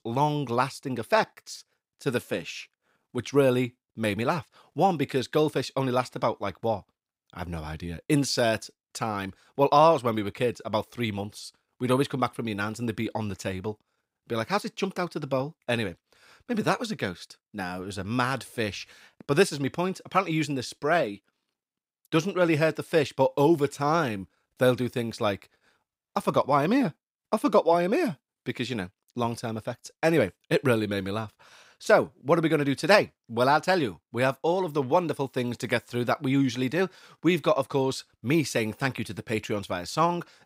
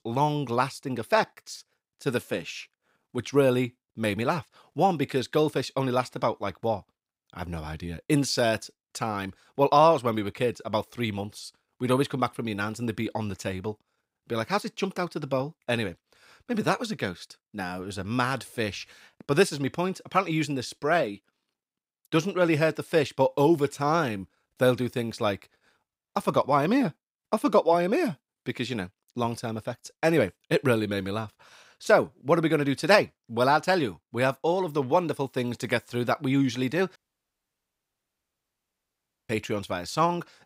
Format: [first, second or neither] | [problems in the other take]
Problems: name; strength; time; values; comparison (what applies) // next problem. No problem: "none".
first | audio cutting out; at 37 s for 2.5 s